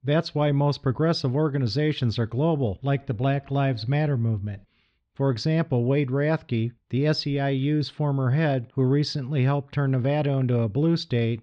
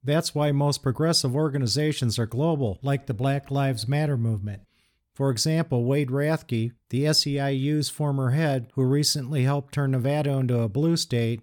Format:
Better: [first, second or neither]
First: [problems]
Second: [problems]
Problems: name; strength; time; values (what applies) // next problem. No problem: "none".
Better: second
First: muffled; slightly; fading above 4 kHz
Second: none